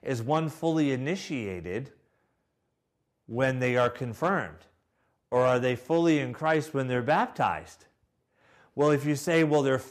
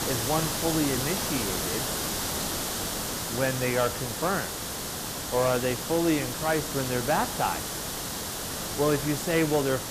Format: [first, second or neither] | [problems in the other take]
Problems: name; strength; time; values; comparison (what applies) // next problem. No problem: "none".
first | hiss; loud; throughout; 2 dB below the speech